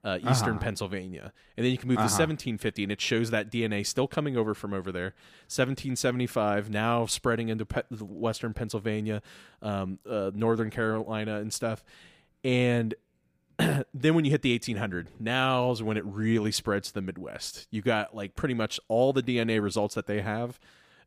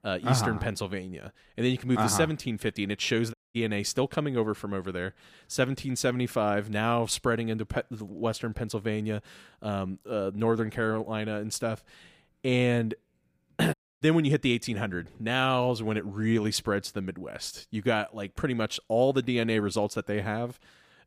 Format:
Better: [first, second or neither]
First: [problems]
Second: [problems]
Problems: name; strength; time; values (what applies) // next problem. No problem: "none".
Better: first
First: none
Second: audio cutting out; at 3.5 s and at 14 s